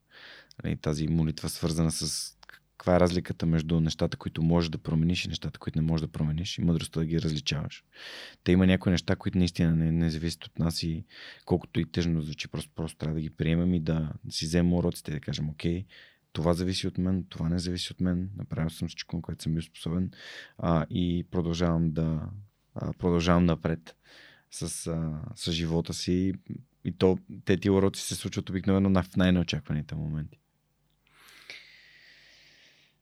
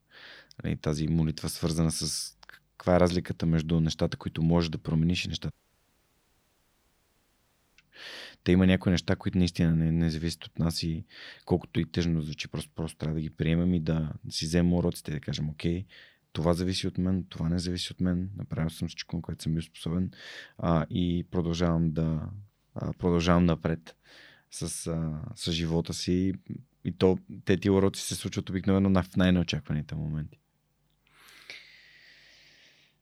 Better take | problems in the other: first | audio cutting out; at 5.5 s for 2.5 s

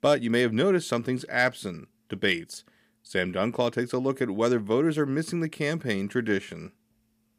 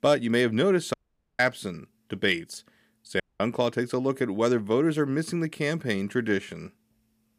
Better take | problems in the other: first | audio cutting out; at 1 s and at 3 s

